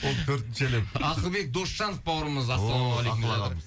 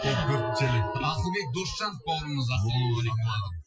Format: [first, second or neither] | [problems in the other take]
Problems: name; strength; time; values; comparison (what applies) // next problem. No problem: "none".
first | noise reduction (classical method Wiener filter)